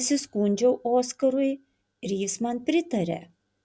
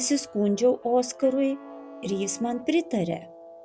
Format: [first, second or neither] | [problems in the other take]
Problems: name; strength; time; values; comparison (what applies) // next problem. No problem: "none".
first | background sound (Guitar + Wind instrument, woodwind instrument); 18 dB below the speech